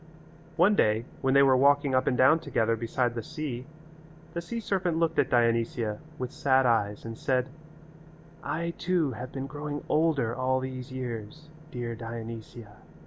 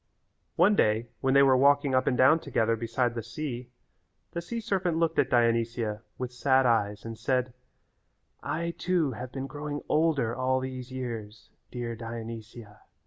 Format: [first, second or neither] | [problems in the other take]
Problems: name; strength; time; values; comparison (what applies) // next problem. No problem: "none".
second | background sound (Engine / Boat, Water vehicle); 20 dB below the speech